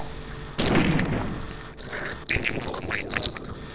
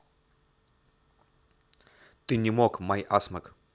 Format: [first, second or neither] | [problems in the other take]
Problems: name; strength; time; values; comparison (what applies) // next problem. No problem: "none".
second | noise reduction (neural separator model SepFormer DNS4)